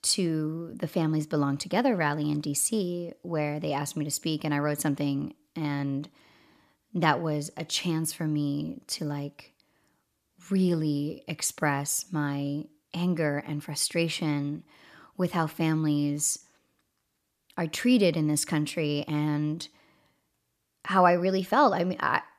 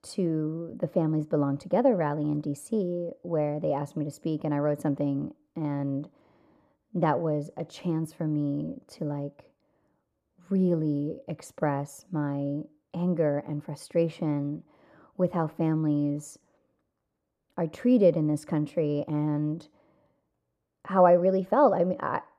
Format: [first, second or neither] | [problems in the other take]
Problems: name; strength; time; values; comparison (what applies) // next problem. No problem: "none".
first | muffled; very; fading above 1.5 kHz